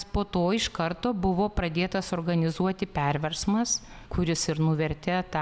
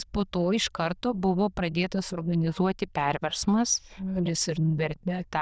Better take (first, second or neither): first